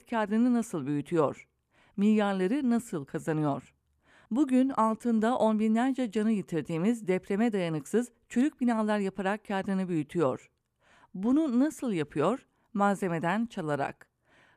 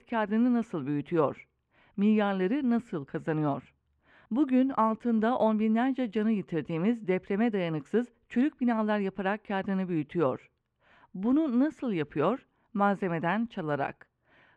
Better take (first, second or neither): first